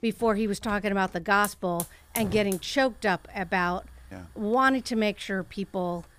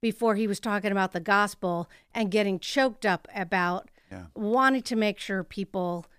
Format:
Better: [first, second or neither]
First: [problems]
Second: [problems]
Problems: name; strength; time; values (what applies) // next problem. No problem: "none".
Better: second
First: hiss; noticeable; throughout; 10 dB below the speech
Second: none